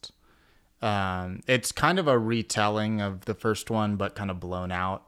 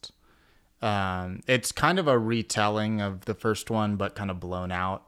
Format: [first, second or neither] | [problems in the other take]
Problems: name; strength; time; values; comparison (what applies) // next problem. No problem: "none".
neither | none